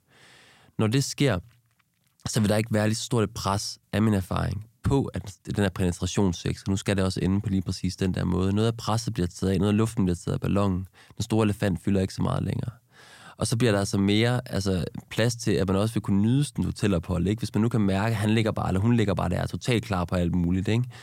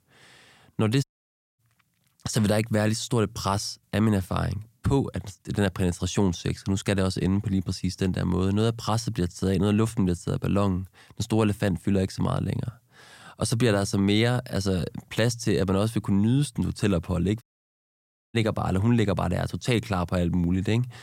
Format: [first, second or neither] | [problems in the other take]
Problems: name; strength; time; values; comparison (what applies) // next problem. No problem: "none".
first | audio cutting out; at 1 s for 0.5 s and at 17 s for 1 s